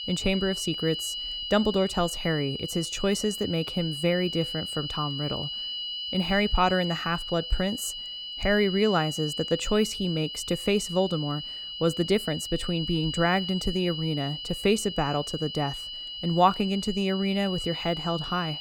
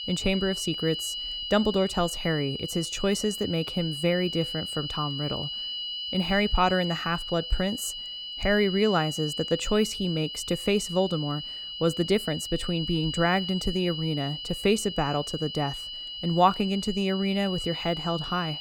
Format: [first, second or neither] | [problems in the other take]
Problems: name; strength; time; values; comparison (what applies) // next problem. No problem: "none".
neither | high-pitched whine; loud; throughout; 3 kHz, 5 dB below the speech; the same in both